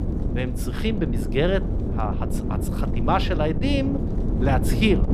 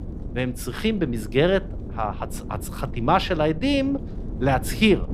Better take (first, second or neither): second